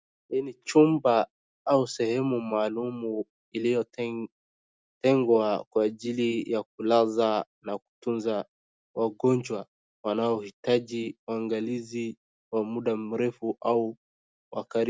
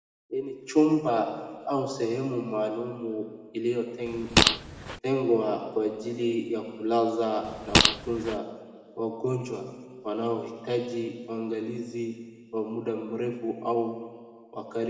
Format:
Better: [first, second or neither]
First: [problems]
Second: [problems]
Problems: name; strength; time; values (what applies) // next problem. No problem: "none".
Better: first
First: none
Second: background sound (Fart); 4 dB above the speech // room echo; dies away in 1.7 s